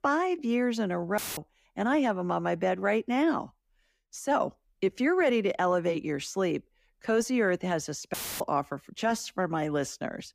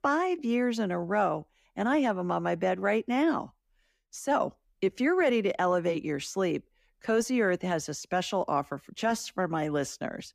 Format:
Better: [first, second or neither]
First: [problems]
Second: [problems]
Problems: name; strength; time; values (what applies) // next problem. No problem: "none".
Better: second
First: audio cutting out; filled with static; at 1 s and at 8 s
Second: none